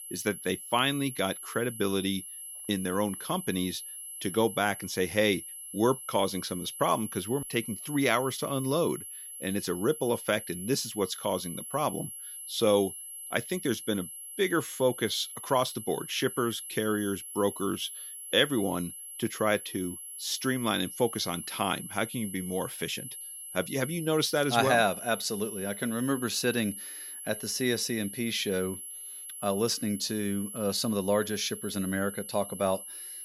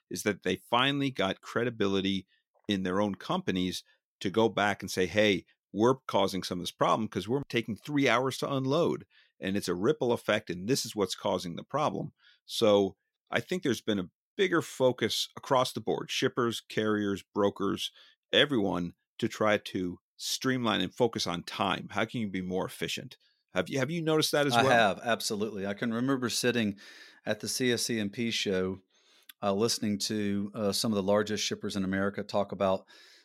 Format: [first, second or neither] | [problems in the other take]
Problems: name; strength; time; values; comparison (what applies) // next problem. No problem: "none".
second | high-pitched whine; loud; throughout; 11 kHz, 9 dB below the speech